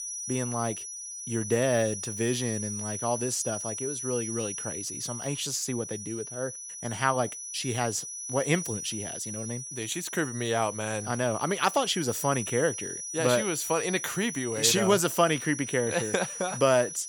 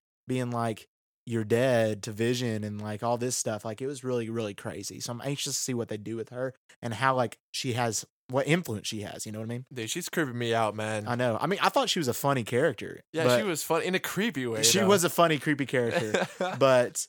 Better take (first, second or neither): second